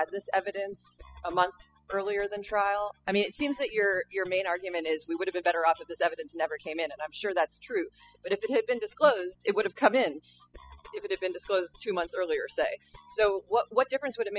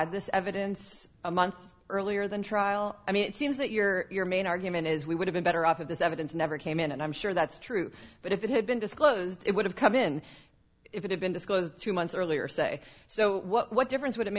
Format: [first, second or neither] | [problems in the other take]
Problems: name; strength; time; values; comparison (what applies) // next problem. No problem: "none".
second | noise reduction (classical method spectral subtraction)